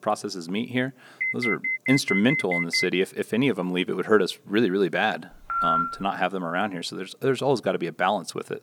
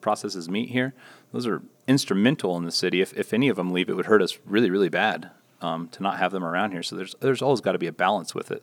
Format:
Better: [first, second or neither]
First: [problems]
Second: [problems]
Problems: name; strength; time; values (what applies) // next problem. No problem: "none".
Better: second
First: alarm; loud; from 1 to 3 s; peak level with the speech // phone ringing; loud; at 5.5 s; peak 3 dB above the speech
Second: none